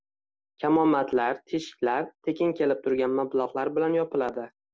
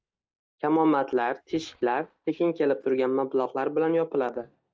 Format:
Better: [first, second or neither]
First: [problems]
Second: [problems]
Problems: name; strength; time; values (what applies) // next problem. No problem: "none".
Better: first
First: none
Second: noise reduction (neural mask model DeepFilterNet 3)